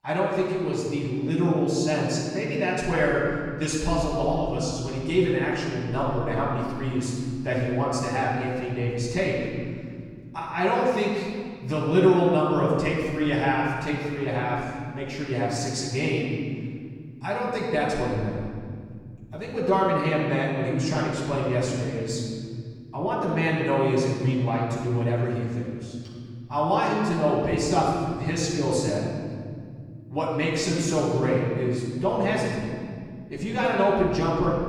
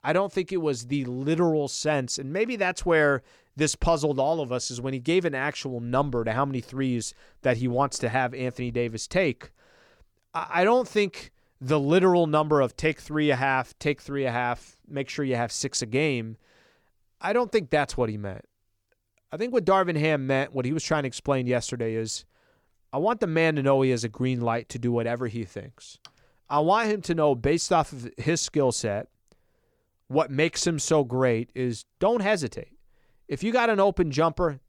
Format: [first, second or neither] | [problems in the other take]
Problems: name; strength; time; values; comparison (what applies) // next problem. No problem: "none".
second | off-mic speech; far // room echo; strong; dies away in 2.6 s